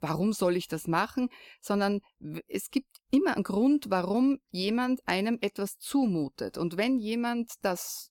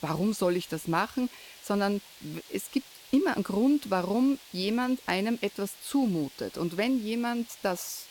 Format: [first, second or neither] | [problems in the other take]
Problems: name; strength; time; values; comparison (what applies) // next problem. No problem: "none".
first | hiss; noticeable; throughout; 20 dB below the speech